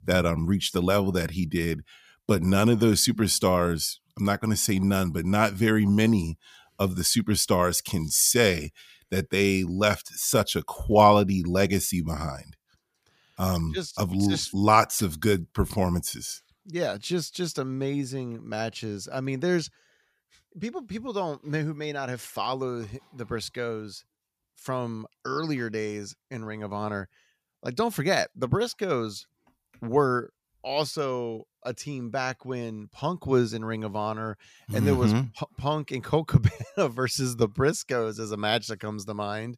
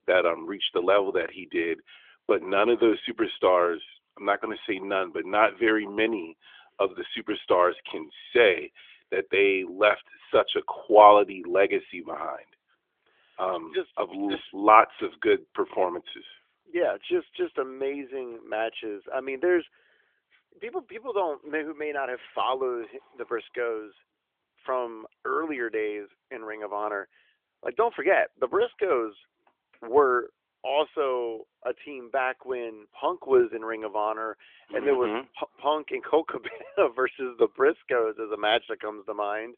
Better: first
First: none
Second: phone-call audio; nothing above 3.5 kHz

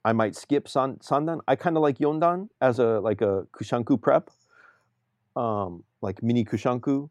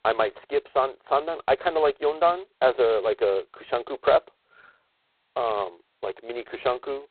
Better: first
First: none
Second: phone-call audio; poor line; nothing above 4 kHz

